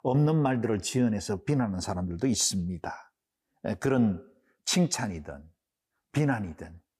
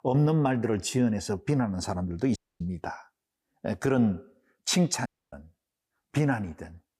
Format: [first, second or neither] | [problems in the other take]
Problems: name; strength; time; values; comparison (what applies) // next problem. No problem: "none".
first | audio cutting out; at 2.5 s and at 5 s